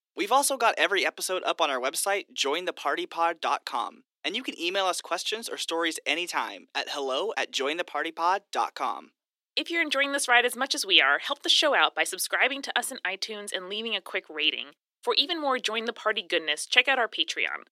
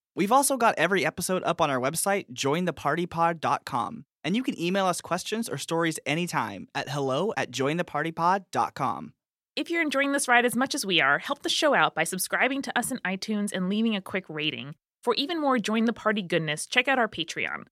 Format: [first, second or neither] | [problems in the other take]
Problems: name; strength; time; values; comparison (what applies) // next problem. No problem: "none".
second | thin; somewhat; fading below 300 Hz